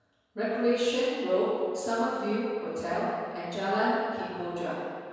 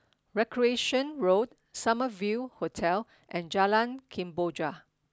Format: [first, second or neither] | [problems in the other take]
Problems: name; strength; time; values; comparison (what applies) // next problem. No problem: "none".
second | room echo; dies away in 1.9 s